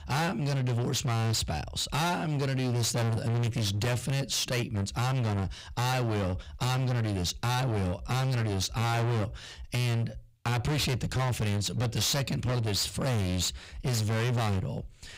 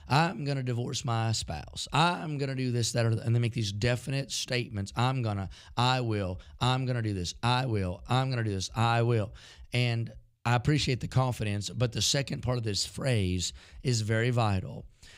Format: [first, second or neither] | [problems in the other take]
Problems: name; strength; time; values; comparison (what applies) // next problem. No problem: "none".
second | distortion; heavy; 37% of the sound clipped